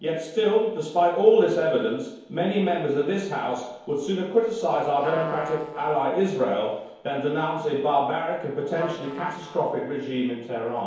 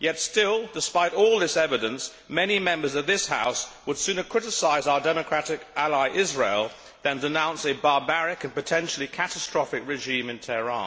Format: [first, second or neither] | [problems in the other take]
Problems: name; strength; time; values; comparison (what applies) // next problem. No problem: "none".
second | noise reduction (neural separator model SepFormer DNS4)